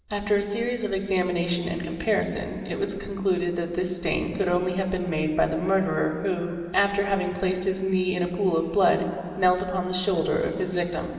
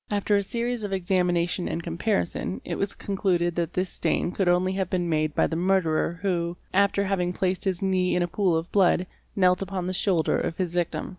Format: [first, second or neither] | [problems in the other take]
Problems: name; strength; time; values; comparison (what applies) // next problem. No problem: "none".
second | room echo; dies away in 2.7 s